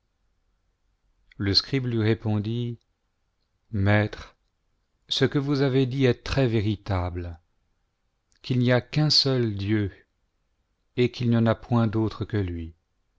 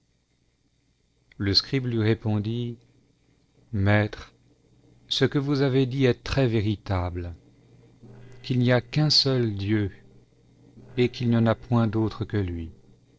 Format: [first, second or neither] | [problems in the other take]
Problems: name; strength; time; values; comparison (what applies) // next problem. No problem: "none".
first | noise reduction (neural separator model SepFormer DNS4)